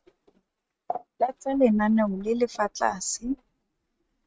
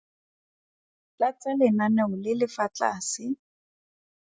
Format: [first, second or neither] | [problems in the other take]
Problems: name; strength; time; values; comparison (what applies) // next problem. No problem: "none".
second | noise reduction (neural mask model RNNoise)